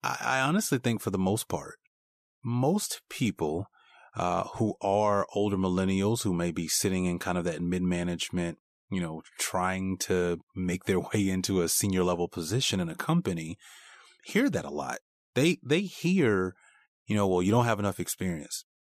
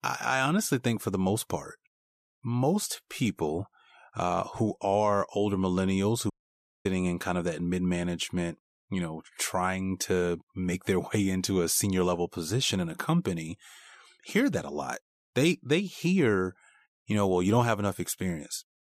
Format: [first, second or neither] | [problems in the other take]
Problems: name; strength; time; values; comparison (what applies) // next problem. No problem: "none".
first | audio cutting out; at 6.5 s for 0.5 s